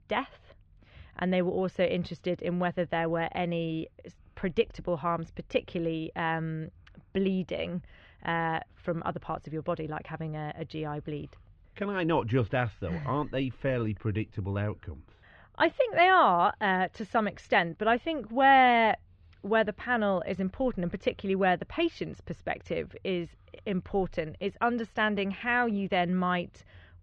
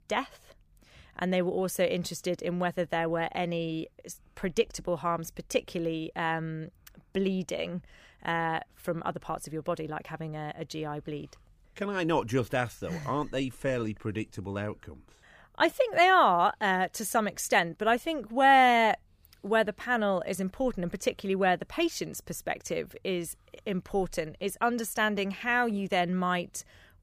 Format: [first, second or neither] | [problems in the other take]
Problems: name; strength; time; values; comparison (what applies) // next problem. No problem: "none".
second | muffled; slightly; fading above 3.5 kHz